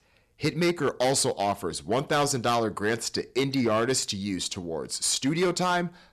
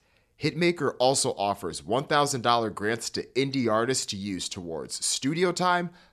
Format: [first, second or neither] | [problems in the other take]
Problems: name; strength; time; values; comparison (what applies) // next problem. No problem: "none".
second | distortion; slight; 7% of the sound clipped